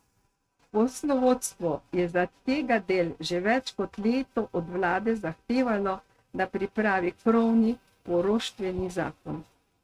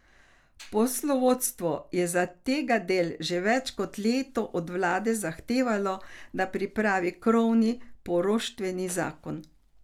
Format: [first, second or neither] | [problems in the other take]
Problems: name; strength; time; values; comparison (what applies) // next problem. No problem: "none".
second | noise reduction (neural mask model RNNoise)